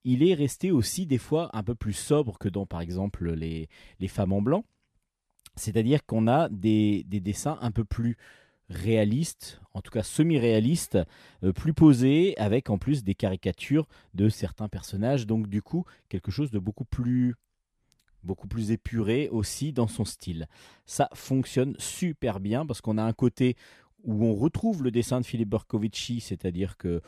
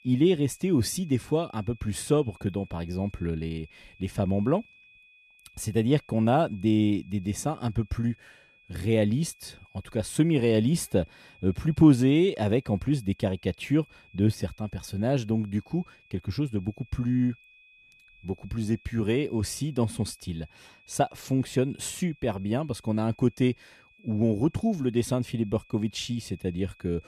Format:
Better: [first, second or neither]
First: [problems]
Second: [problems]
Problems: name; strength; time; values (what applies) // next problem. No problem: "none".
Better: first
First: none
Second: high-pitched whine; faint; throughout; 2.5 kHz, 30 dB below the speech